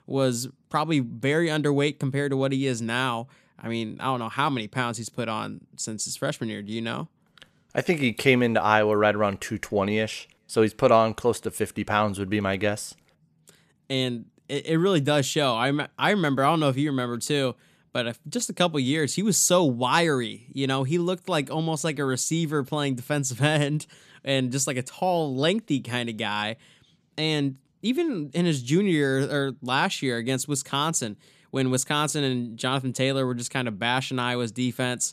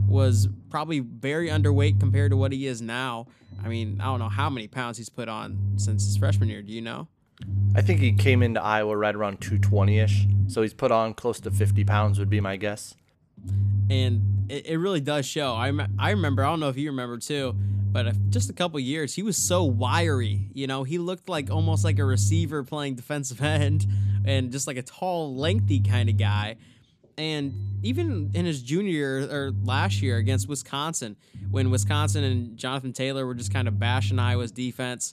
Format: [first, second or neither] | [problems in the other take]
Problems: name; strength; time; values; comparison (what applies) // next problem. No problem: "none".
first | low rumble; noticeable; throughout; 10 dB below the speech